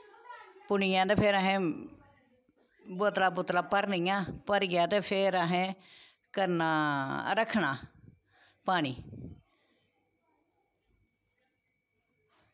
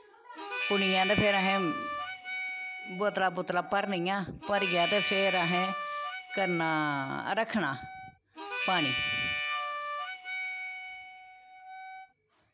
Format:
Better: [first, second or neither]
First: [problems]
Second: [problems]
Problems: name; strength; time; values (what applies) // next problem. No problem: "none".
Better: first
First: none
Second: background sound (Harmonica); 3 dB below the speech